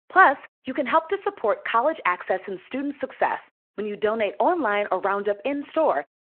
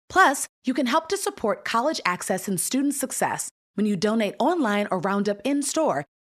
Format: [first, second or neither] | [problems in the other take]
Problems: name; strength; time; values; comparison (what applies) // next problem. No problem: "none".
second | phone-call audio